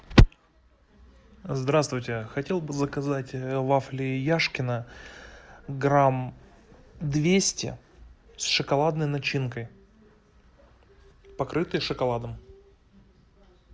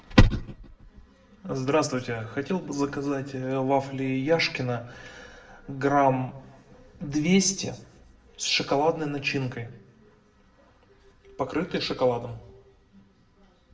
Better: first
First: none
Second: room echo; dies away in 0.6 s

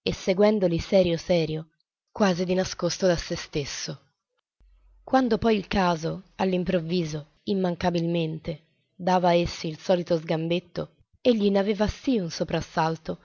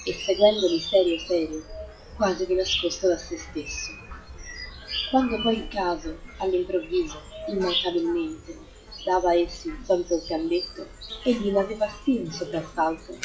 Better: first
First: none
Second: noise reduction (classical method WPE with log-MMSE)

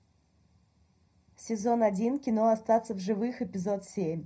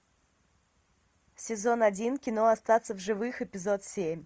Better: second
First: room echo; dies away in 0.3 s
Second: none

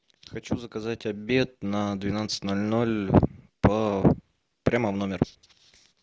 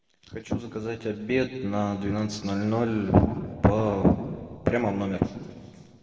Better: first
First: none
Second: room echo; dies away in 1.8 s

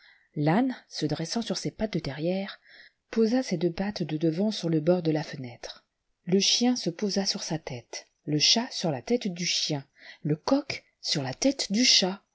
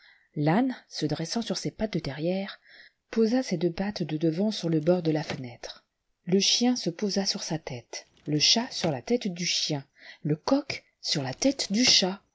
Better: first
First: none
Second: background sound (Drawer open or close); 17 dB below the speech

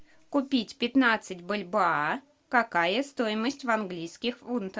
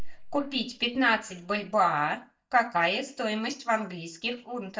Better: first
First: none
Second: noise reduction (neural mask model DeepFilterNet 3)

